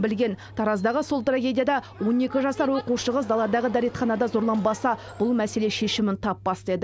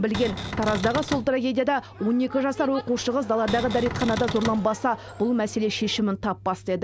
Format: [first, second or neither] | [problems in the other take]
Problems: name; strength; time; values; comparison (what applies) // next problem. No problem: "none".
first | background sound (Cupboard open or close); 7 dB below the speech